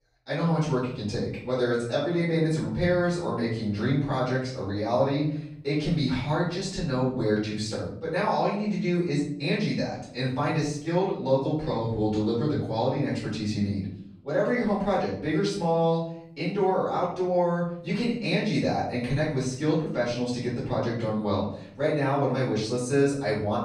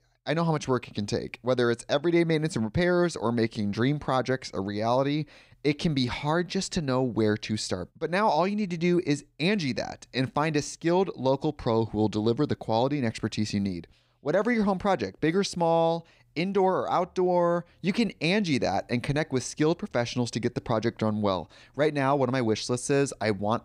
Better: second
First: room echo; noticeable; dies away in 0.6 s // off-mic speech; far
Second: none

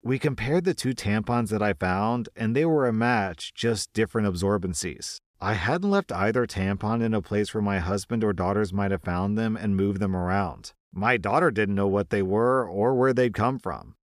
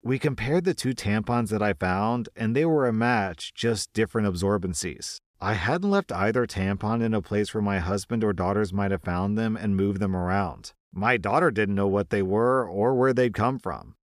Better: neither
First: none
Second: none

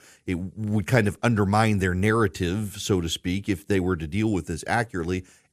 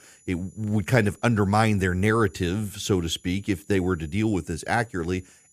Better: first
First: none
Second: high-pitched whine; faint; throughout; 7 kHz, 30 dB below the speech

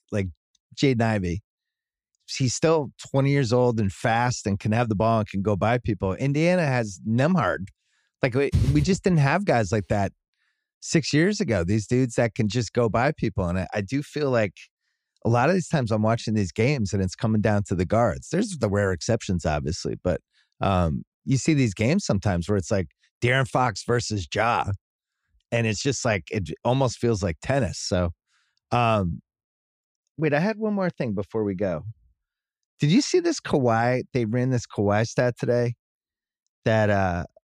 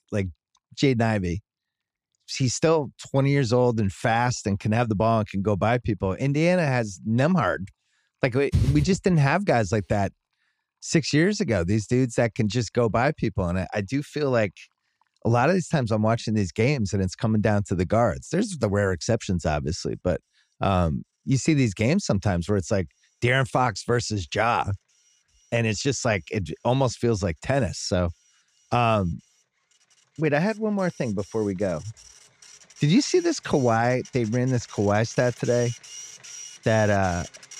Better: first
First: none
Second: household noises; noticeable; throughout; 20 dB below the speech

